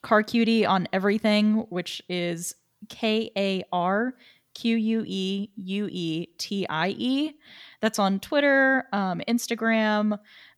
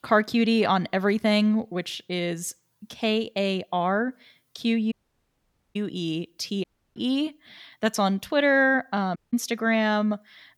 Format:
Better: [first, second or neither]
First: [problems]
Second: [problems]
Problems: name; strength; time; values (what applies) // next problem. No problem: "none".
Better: first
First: none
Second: audio cutting out; at 5 s for 1 s, at 6.5 s and at 9 s